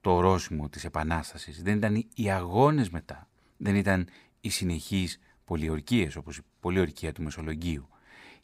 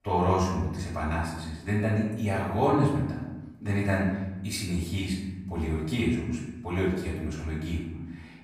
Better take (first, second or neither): first